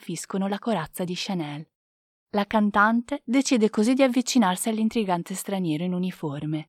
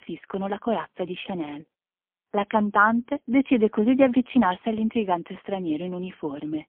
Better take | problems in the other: first | phone-call audio; poor line; nothing above 3.5 kHz

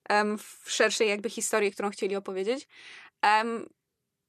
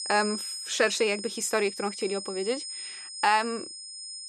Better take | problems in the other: first | high-pitched whine; loud; throughout; 5 kHz, 8 dB below the speech

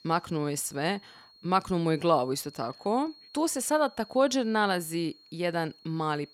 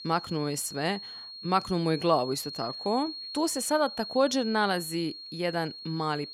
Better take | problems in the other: first | high-pitched whine; loud; throughout; 4.5 kHz, 9 dB below the speech; faint in the first

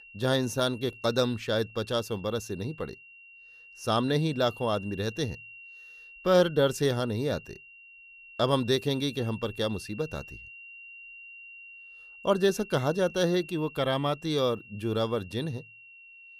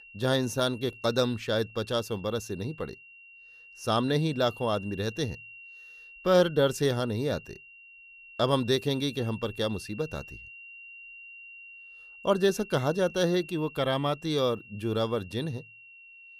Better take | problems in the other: neither | high-pitched whine; noticeable; throughout; 3 kHz, 20 dB below the speech; the same in both

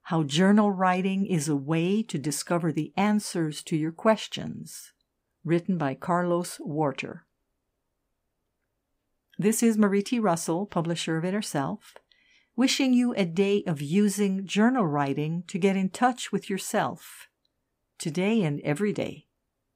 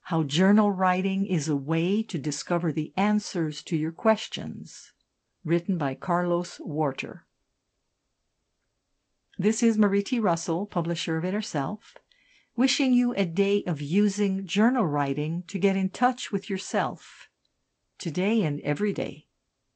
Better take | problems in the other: first | garbled, watery; slightly; nothing above 8 kHz

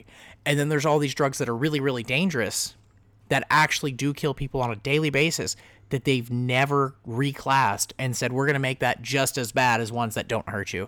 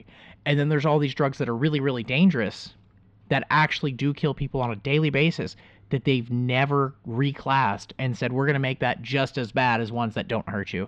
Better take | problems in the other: first | muffled; slightly; fading above 4 kHz

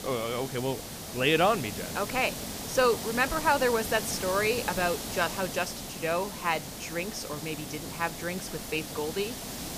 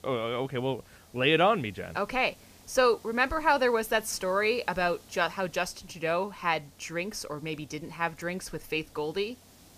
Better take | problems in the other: second | hiss; loud; throughout; 7 dB below the speech; faint in the second

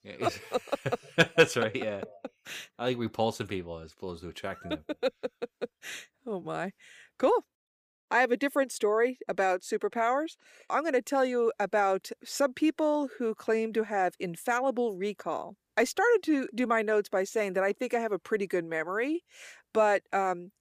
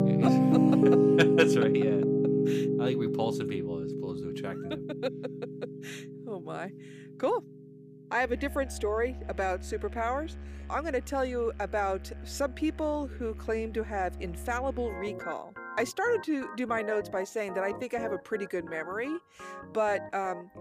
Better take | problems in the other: first | background music; very loud; throughout; 4 dB above the speech

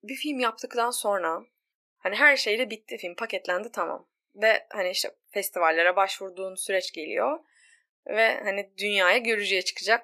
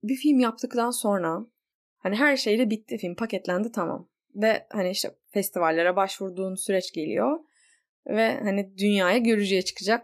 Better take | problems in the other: second | thin; very; fading below 550 Hz

